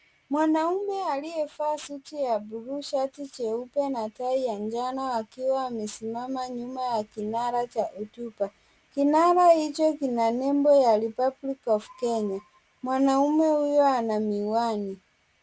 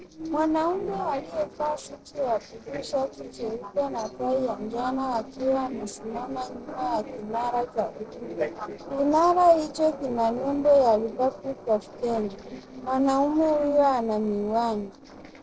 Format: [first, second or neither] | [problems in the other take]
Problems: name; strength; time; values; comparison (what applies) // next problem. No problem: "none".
first | noise reduction (neural separator model SepFormer DNS4)